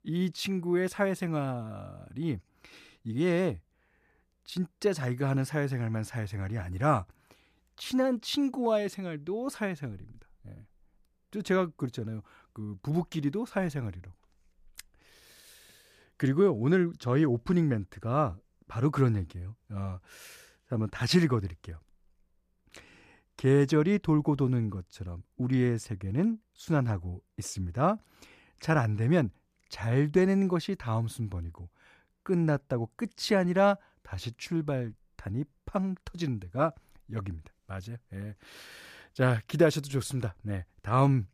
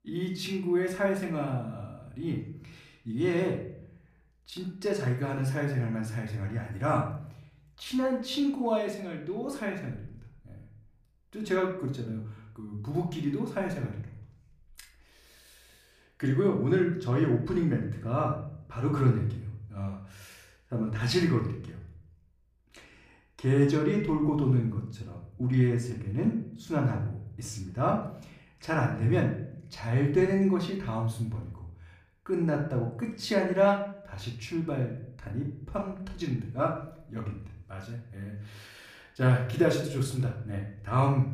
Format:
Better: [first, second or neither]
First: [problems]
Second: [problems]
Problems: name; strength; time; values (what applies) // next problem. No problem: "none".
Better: first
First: none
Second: room echo; slight; dies away in 0.5 s // off-mic speech; somewhat distant